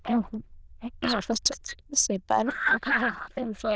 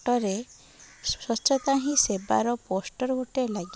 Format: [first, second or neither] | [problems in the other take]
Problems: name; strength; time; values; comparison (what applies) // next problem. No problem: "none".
second | noise reduction (neural diffusion model UNIVERSE++)